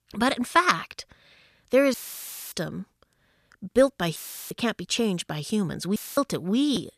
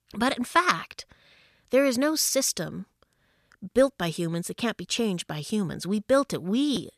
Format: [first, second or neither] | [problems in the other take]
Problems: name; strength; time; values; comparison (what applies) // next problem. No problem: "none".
second | audio cutting out; filled with static; at 2 s for 0.5 s, at 4 s and at 6 s